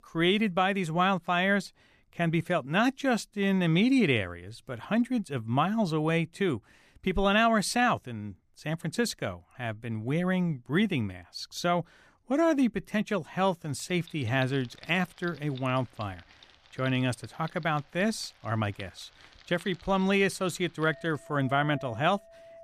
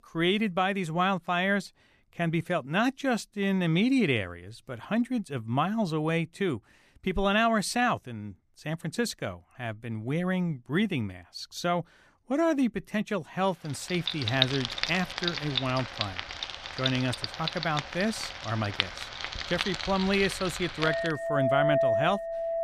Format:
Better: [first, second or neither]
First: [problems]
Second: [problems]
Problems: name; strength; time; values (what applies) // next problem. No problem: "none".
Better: first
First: household noises; faint; from 14 s on; 25 dB below the speech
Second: household noises; loud; from 14 s on; 2 dB below the speech